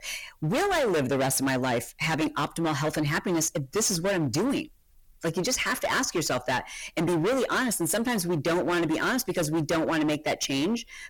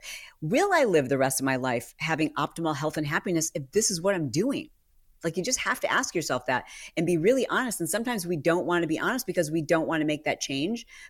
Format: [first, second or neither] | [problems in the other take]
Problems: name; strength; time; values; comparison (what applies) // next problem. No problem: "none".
second | distortion; heavy; 24% of the sound clipped